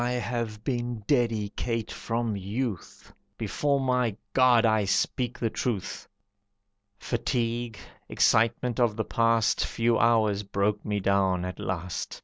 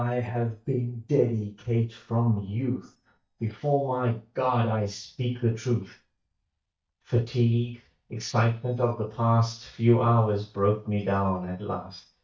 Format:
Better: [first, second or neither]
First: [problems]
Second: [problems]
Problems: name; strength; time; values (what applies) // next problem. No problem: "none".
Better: first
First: none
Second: noise reduction (neural mask model DeepFilterNet 3)